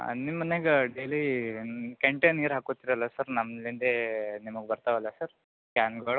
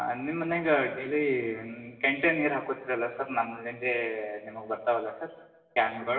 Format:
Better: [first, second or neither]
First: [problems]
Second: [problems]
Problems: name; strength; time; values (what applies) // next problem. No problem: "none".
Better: first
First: none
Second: room echo; dies away in 1.1 s